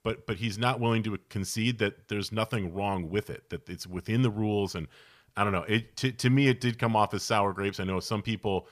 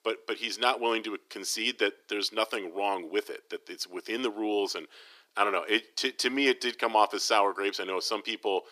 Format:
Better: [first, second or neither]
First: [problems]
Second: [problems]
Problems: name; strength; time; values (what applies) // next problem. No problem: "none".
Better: first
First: none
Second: thin; somewhat; fading below 300 Hz